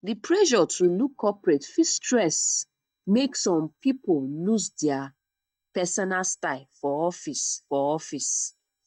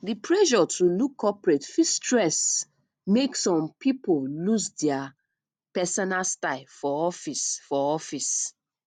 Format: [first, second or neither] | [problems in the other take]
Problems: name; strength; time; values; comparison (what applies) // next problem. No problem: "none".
second | noise reduction (neural mask model DeepFilterNet 3)